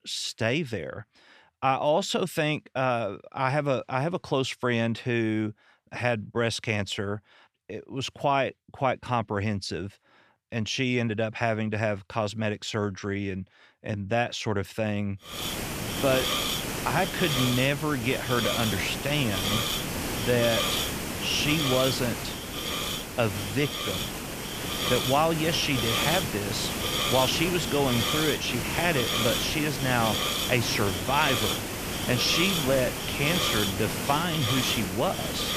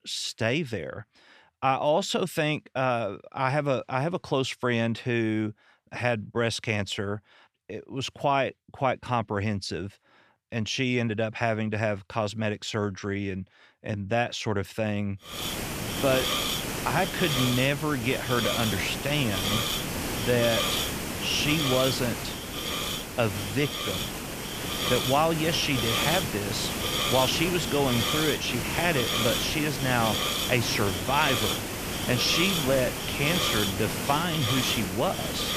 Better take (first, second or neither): neither